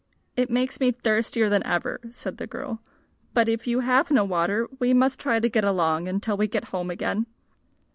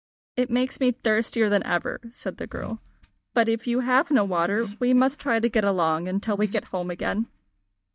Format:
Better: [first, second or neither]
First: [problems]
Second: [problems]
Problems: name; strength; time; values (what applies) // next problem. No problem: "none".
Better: first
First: none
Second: noise reduction (neural mask model DeepFilterNet 3)